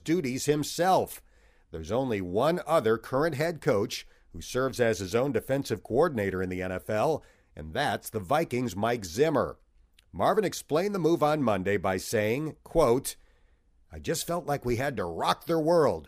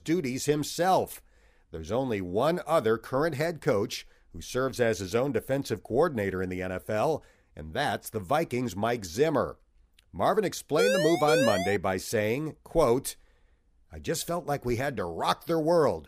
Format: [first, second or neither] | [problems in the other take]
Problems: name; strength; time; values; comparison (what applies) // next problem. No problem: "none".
first | siren; loud; at 11 s; peak 3 dB above the speech